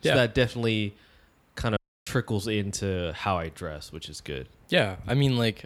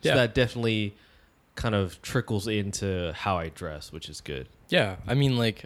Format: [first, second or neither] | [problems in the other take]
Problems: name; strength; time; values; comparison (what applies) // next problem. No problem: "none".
second | audio cutting out; at 2 s